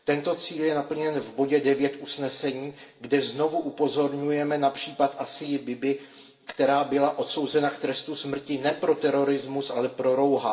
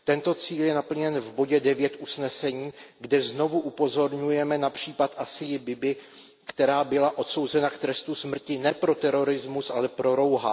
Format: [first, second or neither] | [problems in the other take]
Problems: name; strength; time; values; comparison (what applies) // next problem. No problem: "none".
second | room echo; dies away in 0.5 s